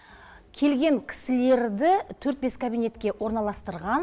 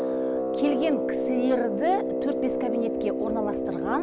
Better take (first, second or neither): first